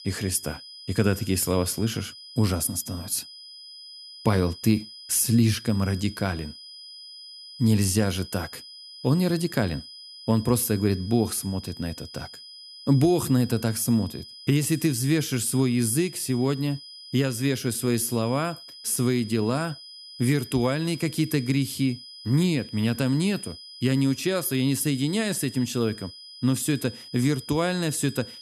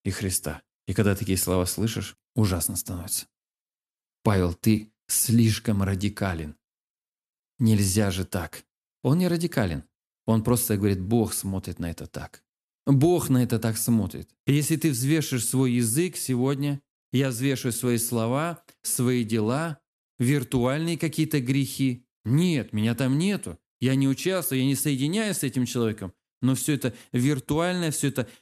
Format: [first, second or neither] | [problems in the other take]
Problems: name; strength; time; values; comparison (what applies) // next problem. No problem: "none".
second | high-pitched whine; noticeable; throughout; 5 kHz, 15 dB below the speech